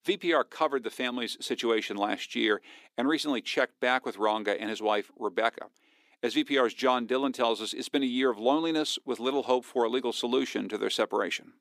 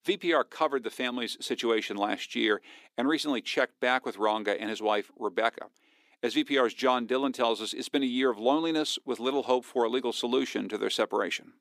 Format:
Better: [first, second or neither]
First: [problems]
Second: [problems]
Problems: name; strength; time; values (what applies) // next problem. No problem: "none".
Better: neither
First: thin; very slightly; fading below 300 Hz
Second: thin; very slightly; fading below 300 Hz